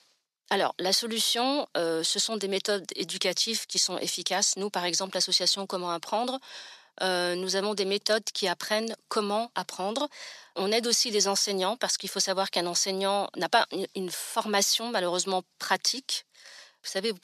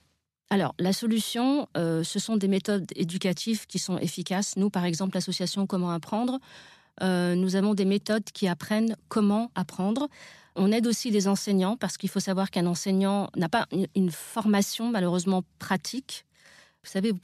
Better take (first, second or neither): second